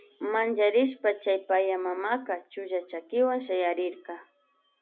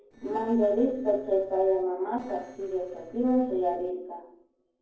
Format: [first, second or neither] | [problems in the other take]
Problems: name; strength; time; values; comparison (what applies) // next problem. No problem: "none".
first | noise reduction (neural separator model SepFormer DNS4)